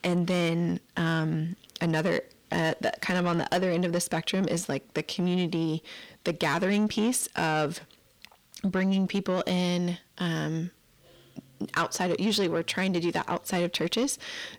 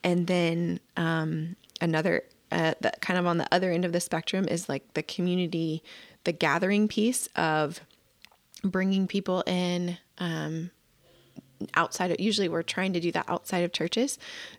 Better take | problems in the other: second | distortion; slight; 10 dB below the speech

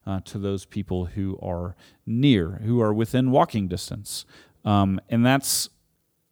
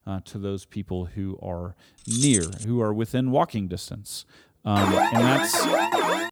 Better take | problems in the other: first | jangling keys; loud; at 2 s; peak 3 dB above the speech // alarm; loud; from 5 s on; peak 5 dB above the speech

